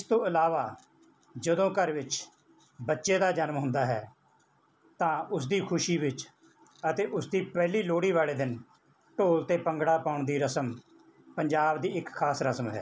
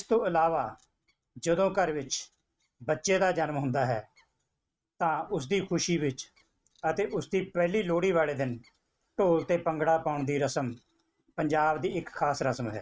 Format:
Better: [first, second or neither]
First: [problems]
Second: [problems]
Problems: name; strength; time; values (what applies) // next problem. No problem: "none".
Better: first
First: none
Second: noise reduction (neural mask model RNNoise)